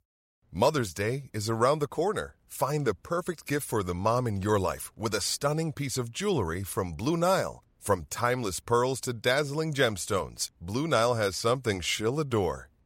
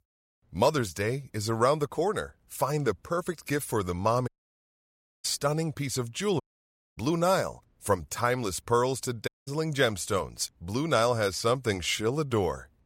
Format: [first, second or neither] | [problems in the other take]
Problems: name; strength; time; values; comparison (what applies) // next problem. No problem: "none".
first | audio cutting out; at 4.5 s for 1 s, at 6.5 s for 0.5 s and at 9.5 s